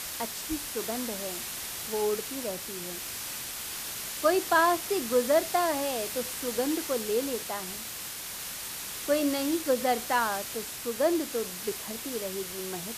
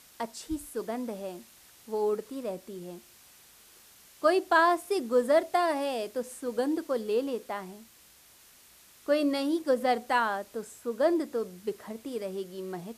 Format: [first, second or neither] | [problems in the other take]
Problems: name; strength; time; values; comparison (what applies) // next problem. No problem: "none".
second | hiss; loud; throughout; 5 dB below the speech; faint in the second